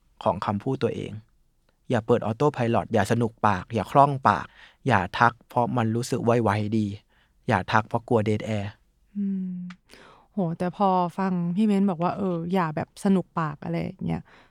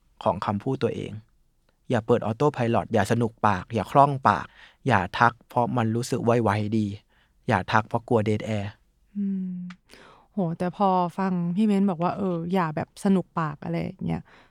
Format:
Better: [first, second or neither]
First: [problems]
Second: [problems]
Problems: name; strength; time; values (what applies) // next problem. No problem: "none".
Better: neither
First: none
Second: none